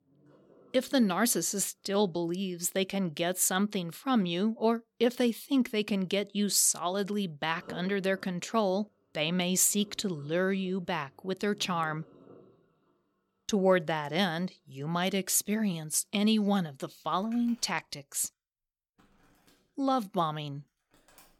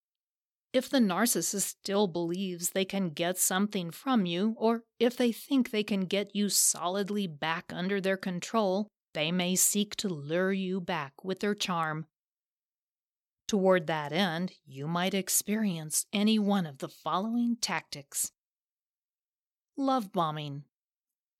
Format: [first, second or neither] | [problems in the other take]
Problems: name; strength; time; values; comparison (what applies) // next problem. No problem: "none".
second | household noises; faint; throughout; 25 dB below the speech